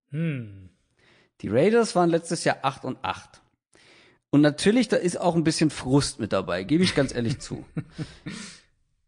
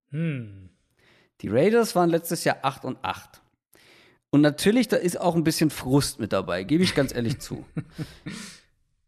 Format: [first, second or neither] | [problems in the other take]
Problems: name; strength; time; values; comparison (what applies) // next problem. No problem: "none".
second | garbled, watery; slightly; nothing above 9 kHz